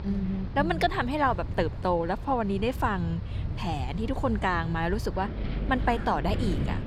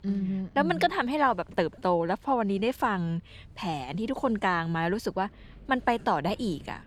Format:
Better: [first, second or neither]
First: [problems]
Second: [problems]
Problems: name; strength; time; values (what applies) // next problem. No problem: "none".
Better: second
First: wind in the background; loud; throughout; 6 dB below the speech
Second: wind in the background; faint; throughout; 25 dB below the speech